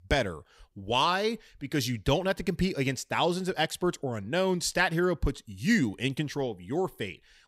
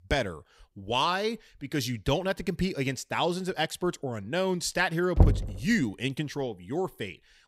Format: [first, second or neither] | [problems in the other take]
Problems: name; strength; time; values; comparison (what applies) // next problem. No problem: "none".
first | door banging; loud; at 5 s; peak 5 dB above the speech